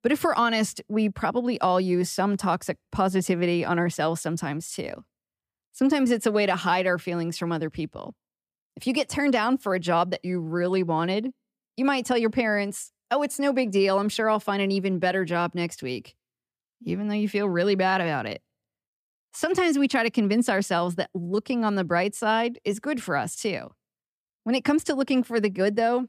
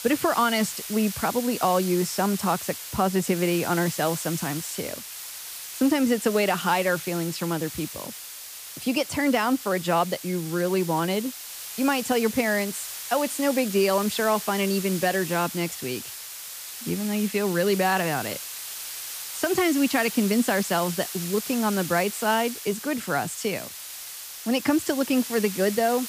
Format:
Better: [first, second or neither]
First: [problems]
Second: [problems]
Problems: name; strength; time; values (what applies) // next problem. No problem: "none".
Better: first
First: none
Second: hiss; loud; throughout; 9 dB below the speech